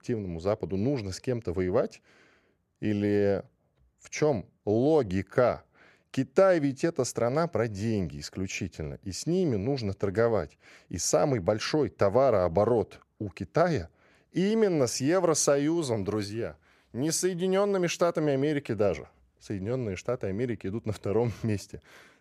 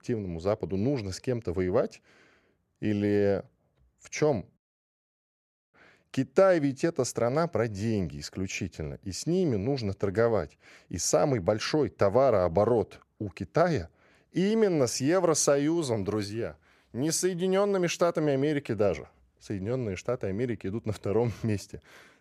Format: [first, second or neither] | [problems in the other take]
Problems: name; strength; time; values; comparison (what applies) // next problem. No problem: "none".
first | audio cutting out; at 4.5 s for 1 s